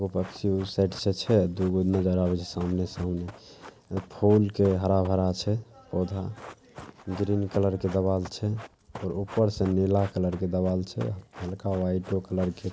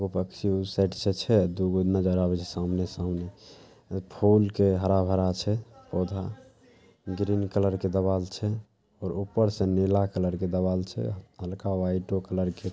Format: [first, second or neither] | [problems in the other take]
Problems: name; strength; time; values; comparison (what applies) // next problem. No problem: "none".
second | background sound (Run); 20 dB below the speech